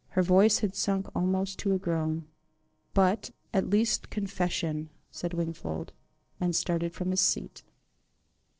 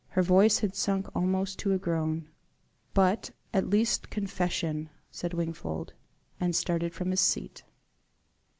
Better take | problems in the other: second | noise reduction (neural separator model SepFormer DNS4)

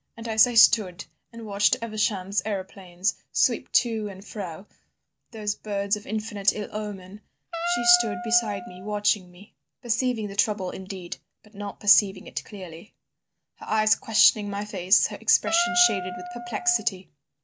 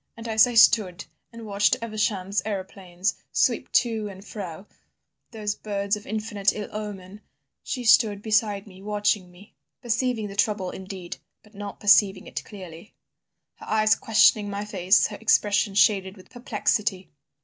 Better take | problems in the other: second | background sound (Wind instrument, woodwind instrument); 6 dB below the speech

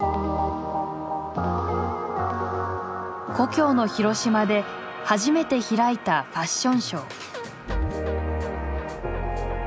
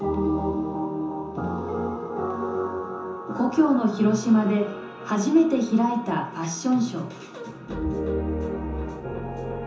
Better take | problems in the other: first | room echo; dies away in 0.6 s

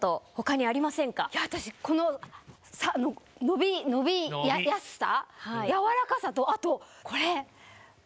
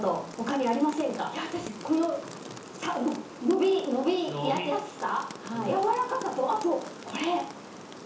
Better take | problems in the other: first | background sound (Rain); 14 dB below the speech // room echo; dies away in 0.8 s

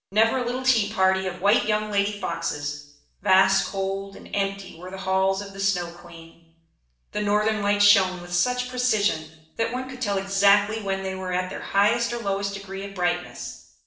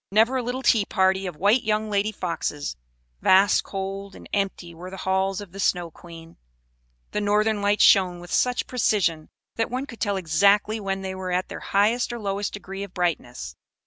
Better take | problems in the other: second | room echo; dies away in 0.6 s

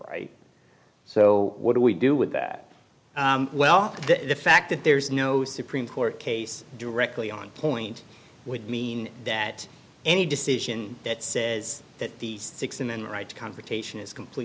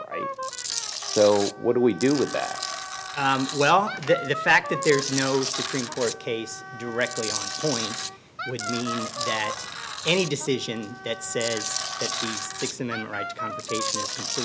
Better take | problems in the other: first | background sound (Tools + Wind instrument, woodwind instrument); 6 dB below the speech

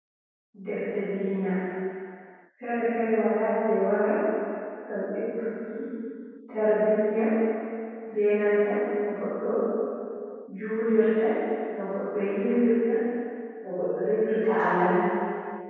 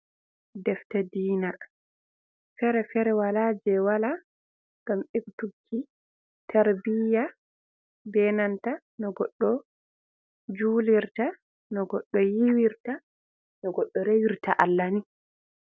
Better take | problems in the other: second | room echo; dies away in 2.2 s

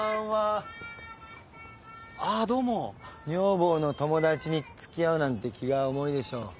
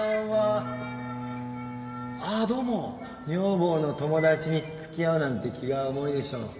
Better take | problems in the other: first | background sound (Bowed string instrument); 9 dB below the speech // room echo; dies away in 2.3 s

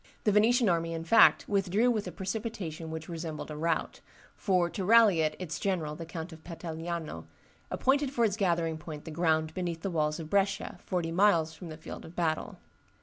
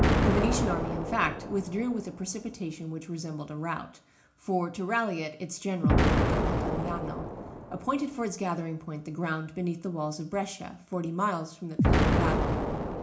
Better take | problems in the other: first | background sound (Explosion); 2 dB above the speech // room echo; dies away in 0.4 s

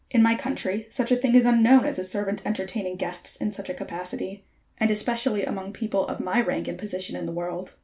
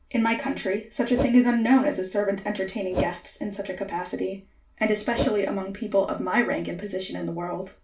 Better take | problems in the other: first | background sound (Whoosh, swoosh, swish); 5 dB below the speech // room echo; dies away in 0.2 s

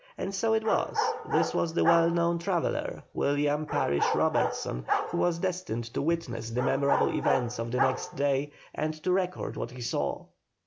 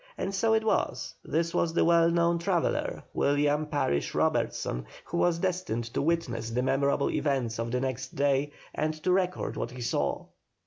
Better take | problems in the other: second | background sound (Bark); 5 dB below the speech

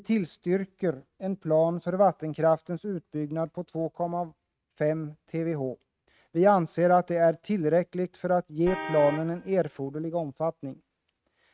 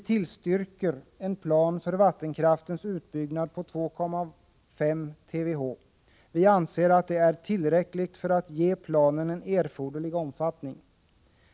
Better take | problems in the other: second | noise reduction (neural mask model RNNoise)

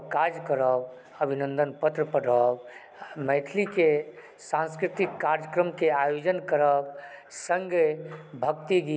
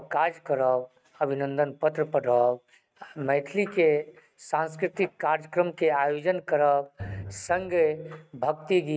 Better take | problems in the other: first | noise reduction (neural mask model RNNoise)

